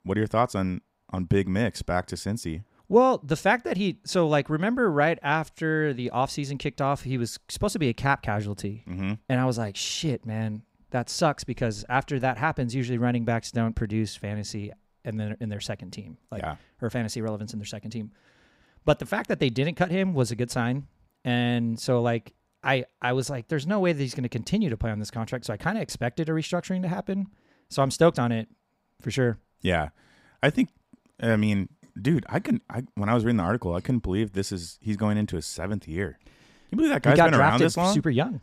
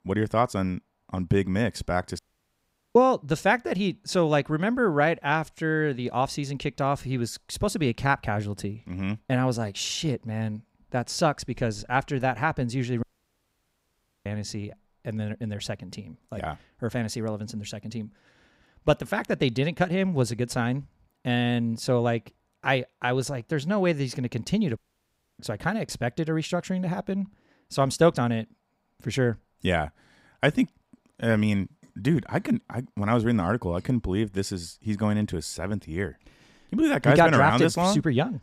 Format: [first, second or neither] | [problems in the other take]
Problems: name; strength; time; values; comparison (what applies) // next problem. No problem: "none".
first | audio cutting out; at 2 s for 1 s, at 13 s for 1 s and at 25 s for 0.5 s